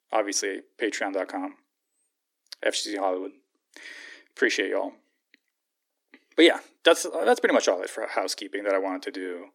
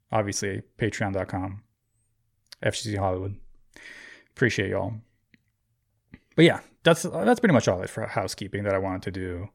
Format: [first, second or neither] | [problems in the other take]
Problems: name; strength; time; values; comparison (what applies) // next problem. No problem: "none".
second | thin; somewhat; fading below 300 Hz